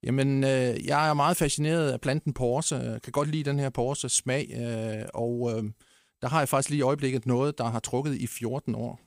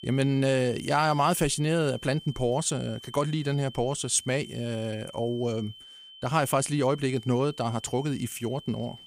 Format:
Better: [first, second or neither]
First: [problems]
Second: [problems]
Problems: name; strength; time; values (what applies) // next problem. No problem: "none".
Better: first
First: none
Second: high-pitched whine; noticeable; throughout; 3 kHz, 20 dB below the speech